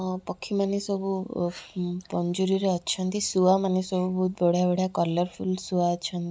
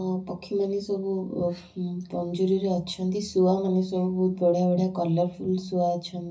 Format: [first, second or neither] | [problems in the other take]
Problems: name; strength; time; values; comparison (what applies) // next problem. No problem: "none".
first | room echo; dies away in 0.4 s